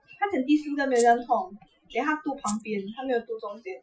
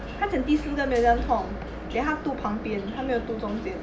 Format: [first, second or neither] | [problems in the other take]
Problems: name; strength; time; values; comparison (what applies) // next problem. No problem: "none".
second | noise reduction (classical method Wiener filter)